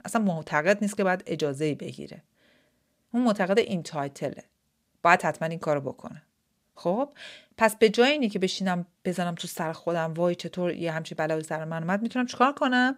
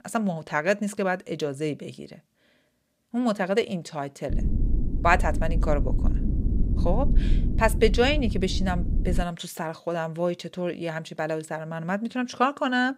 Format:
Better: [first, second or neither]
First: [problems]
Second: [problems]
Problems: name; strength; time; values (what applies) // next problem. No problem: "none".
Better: first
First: none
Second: low rumble; noticeable; from 4.5 to 9 s; 15 dB below the speech